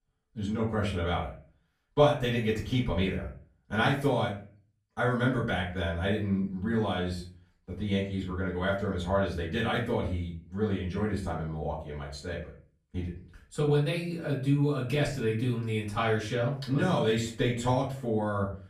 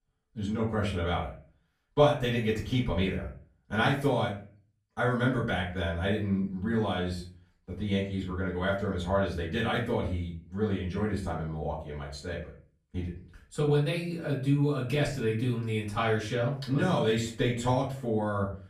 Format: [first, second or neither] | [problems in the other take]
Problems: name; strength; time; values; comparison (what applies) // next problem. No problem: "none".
neither | room echo; slight; dies away in 0.4 s; the same in both // off-mic speech; far; the same in both